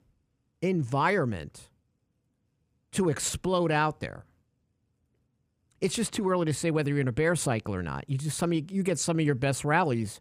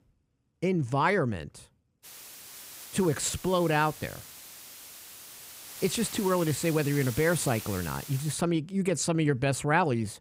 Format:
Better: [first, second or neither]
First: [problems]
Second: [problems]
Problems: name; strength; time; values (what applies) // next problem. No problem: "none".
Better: first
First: none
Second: hiss; noticeable; from 2 to 8.5 s; 15 dB below the speech